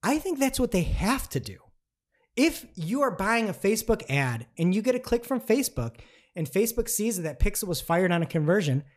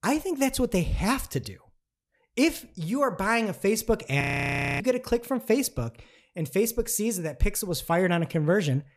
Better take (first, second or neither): first